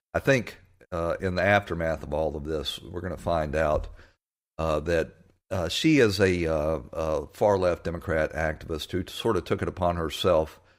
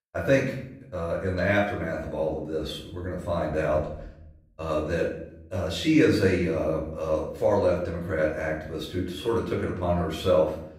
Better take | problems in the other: first | off-mic speech; far // room echo; noticeable; dies away in 0.6 s

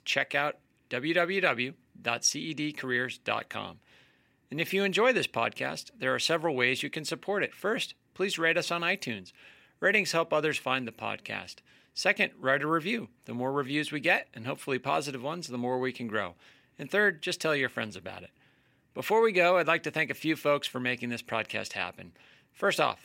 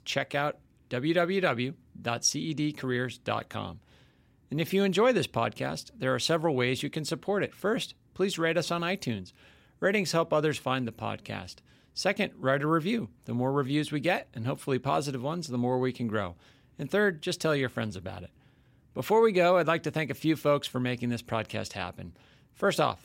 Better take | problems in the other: second | thin; very slightly; fading below 600 Hz

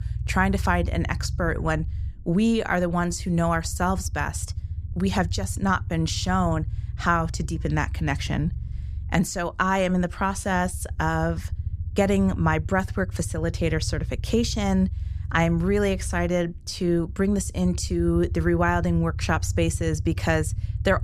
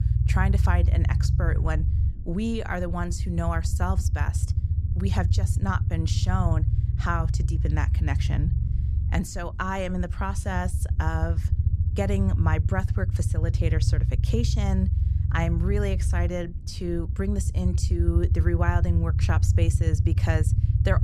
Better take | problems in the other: first | low rumble; loud; throughout; 8 dB below the speech; faint in the first

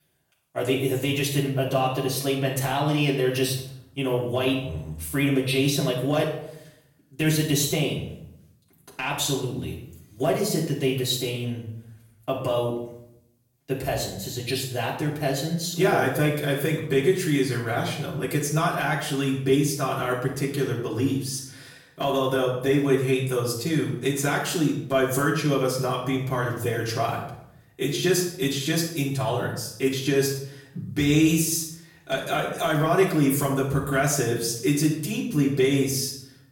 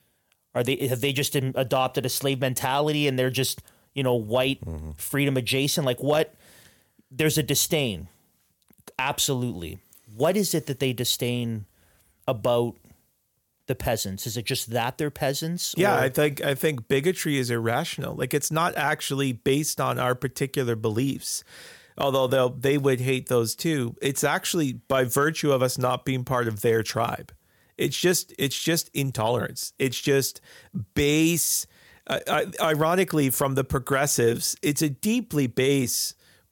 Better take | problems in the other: second | off-mic speech; far // room echo; noticeable; dies away in 0.6 s

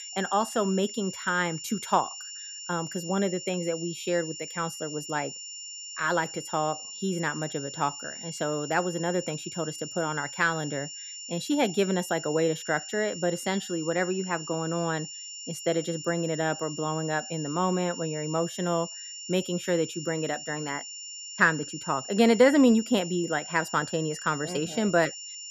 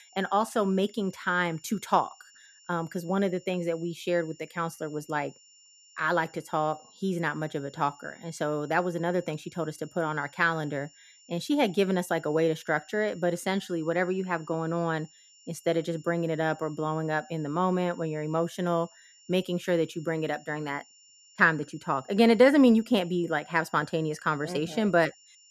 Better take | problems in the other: second | high-pitched whine; loud; throughout; 7 kHz, 9 dB below the speech; faint in the second

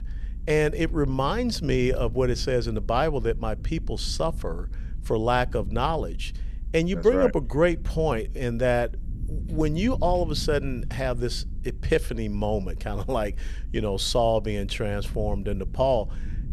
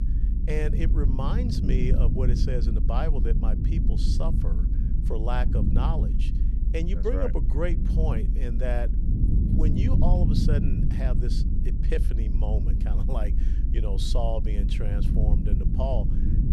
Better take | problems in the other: first | low rumble; loud; throughout; 4 dB below the speech; faint in the first

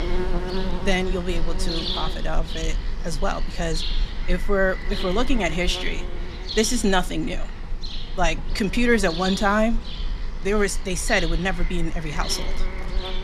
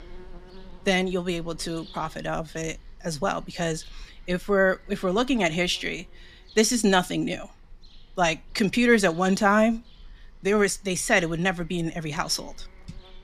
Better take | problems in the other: second | animal sounds; loud; throughout; 6 dB below the speech; faint in the second

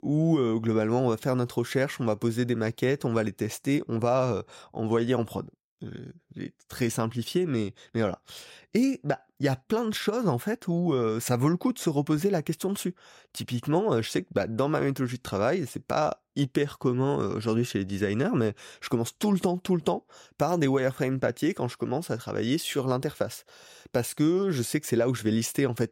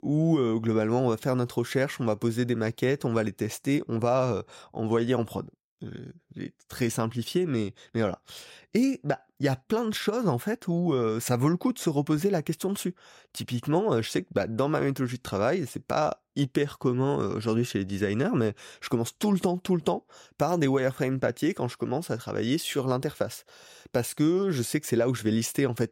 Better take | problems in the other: neither | none

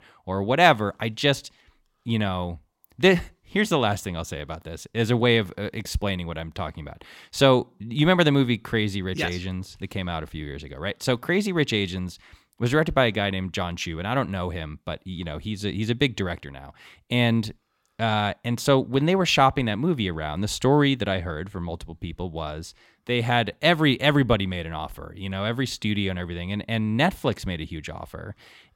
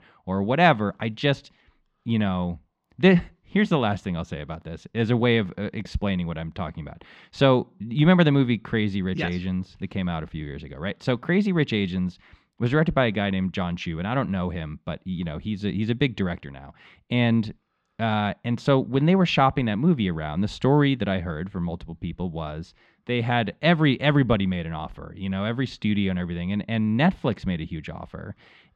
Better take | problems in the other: first | muffled; very slightly; fading above 3.5 kHz

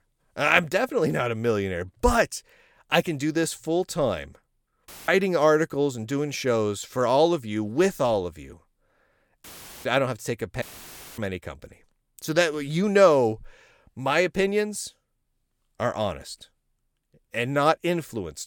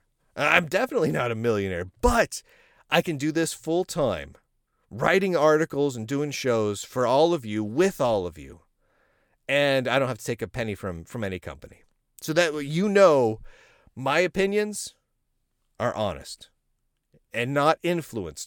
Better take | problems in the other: second | audio cutting out; filled with static; at 5 s, at 9.5 s and at 11 s for 0.5 s

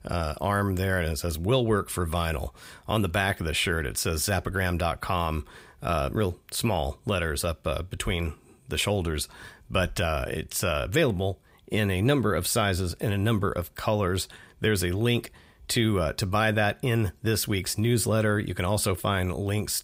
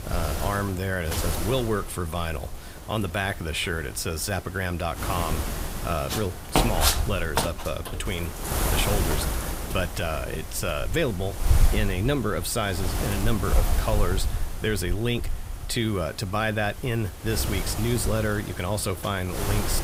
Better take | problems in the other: first | wind noise on the microphone; heavy; 3 dB below the speech

